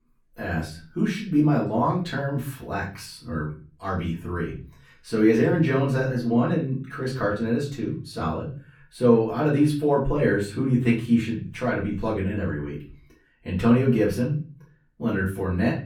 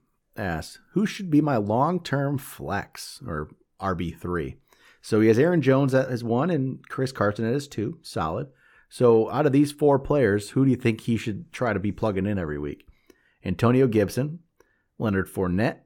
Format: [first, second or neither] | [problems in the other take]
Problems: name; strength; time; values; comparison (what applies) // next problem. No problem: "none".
second | off-mic speech; far // room echo; slight; dies away in 0.4 s